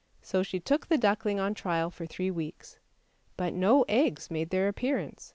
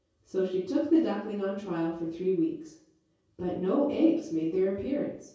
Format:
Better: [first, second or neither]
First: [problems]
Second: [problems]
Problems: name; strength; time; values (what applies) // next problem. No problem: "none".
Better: first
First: none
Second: room echo; dies away in 0.6 s